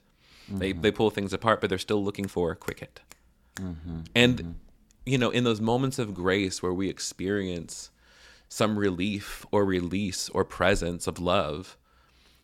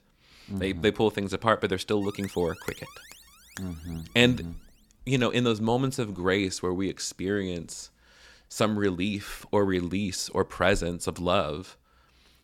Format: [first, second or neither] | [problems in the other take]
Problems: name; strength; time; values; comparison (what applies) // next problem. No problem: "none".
first | alarm; faint; from 2 to 5 s; peak 20 dB below the speech